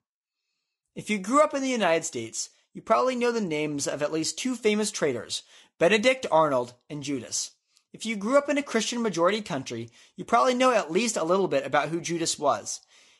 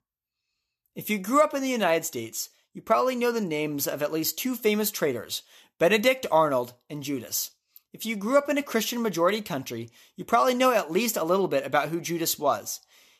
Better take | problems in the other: second | garbled, watery; slightly; nothing above 11.5 kHz

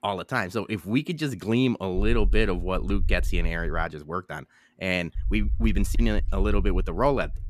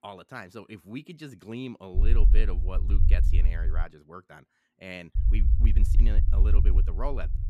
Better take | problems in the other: first | low rumble; loud; from 2 to 4 s and from 5 s on; 6 dB below the speech; faint in the first

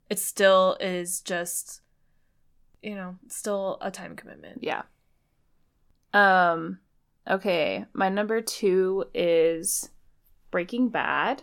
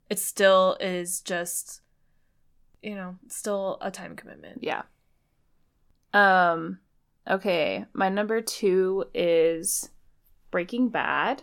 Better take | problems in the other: neither | none

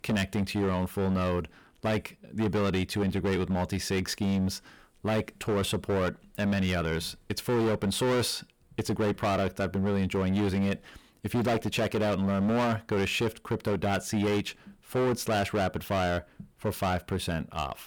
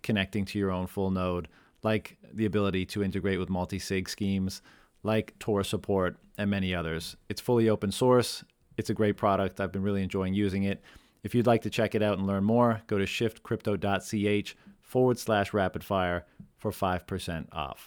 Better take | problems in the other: second | distortion; heavy; 17% of the sound clipped

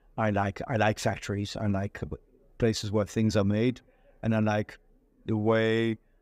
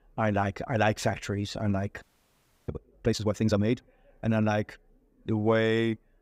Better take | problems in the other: first | audio freezing; at 2 s for 0.5 s

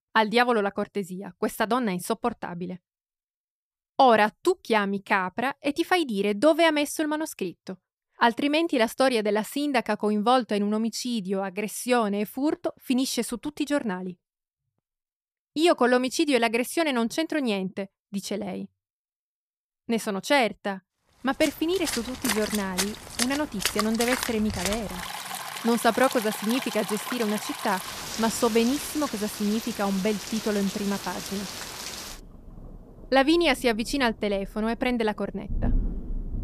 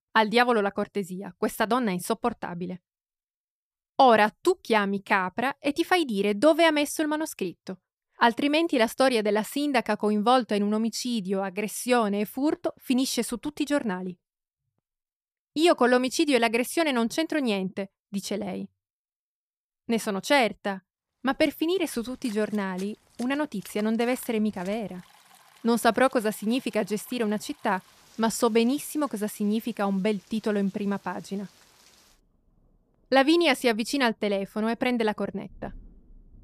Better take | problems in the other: second | rain or running water; loud; from 22 s on; 7 dB below the speech; faint in the second

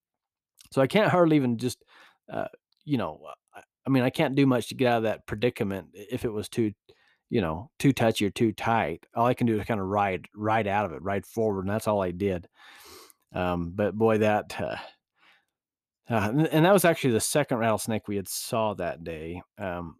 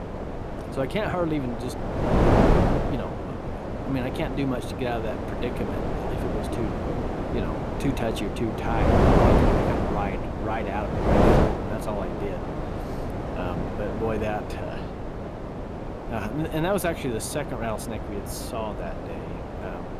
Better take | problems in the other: first | wind noise on the microphone; heavy; 2 dB above the speech

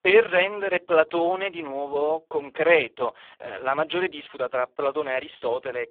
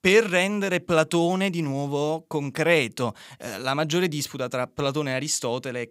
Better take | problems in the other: second | phone-call audio; poor line

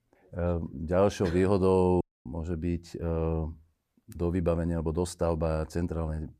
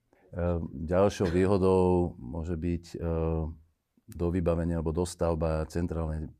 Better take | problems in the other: second | audio cutting out; at 2 s

